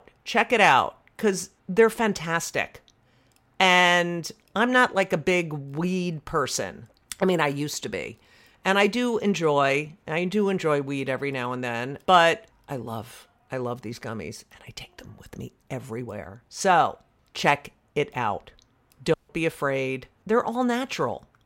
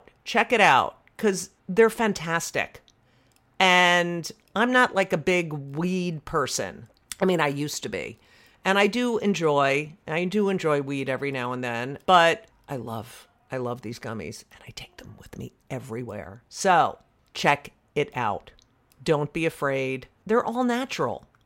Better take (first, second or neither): second